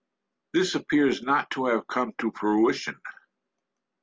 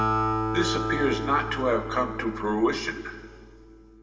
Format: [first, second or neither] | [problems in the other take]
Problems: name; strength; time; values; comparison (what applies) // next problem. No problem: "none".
first | background sound (Acoustic guitar); 2 dB below the speech // room echo; dies away in 1.6 s